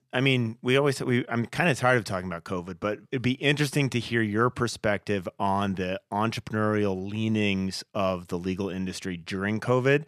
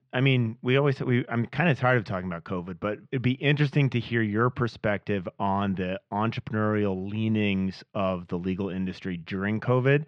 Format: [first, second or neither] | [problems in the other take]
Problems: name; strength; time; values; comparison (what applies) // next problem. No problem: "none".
first | muffled; slightly; fading above 3.5 kHz